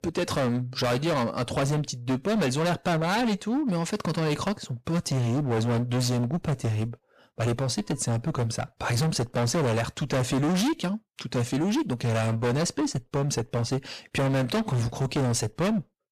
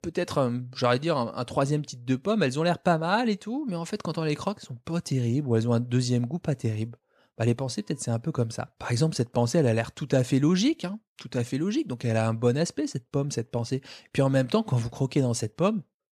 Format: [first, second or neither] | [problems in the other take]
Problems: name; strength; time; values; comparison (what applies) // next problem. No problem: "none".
second | distortion; heavy; 26% of the sound clipped